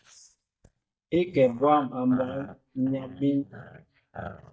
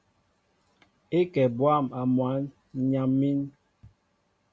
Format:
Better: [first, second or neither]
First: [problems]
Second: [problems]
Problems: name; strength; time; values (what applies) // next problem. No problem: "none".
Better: second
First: noise reduction (neural mask model DeepFilterNet 3)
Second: none